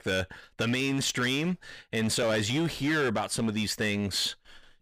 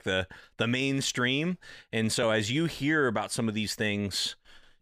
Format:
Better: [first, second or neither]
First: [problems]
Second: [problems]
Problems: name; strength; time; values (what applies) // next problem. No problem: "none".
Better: second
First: distortion; slight; 11% of the sound clipped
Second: none